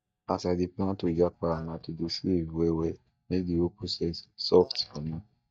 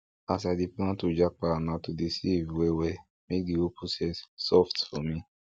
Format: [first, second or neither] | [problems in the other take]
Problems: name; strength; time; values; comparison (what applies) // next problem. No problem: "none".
second | noise reduction (neural mask model DeepFilterNet 3)